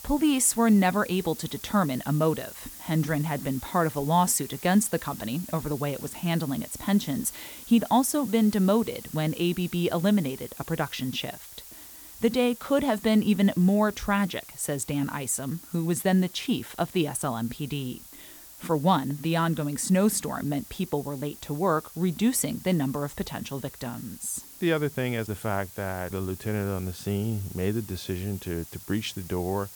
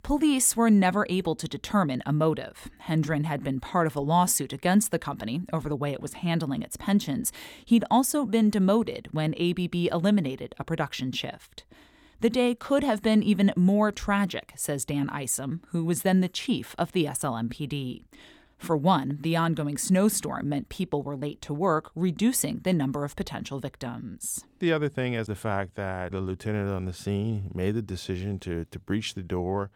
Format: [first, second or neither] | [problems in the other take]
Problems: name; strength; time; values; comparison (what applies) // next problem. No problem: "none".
second | hiss; noticeable; throughout; 15 dB below the speech